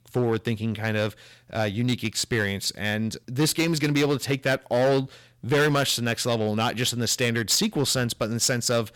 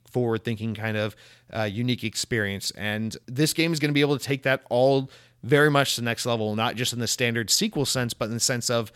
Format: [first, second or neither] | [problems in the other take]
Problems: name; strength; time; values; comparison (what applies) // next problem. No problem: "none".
second | distortion; slight; 7% of the sound clipped